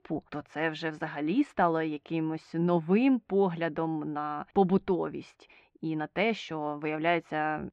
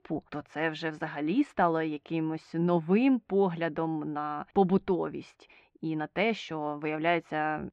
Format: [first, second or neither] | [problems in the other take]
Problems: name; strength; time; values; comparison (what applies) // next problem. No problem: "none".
neither | muffled; very; fading above 2.5 kHz; the same in both